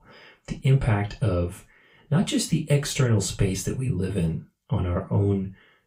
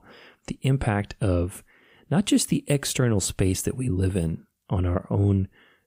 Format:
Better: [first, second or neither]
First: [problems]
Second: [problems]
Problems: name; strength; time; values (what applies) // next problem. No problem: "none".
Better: second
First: room echo; very slight; dies away in 0.2 s // off-mic speech; far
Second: none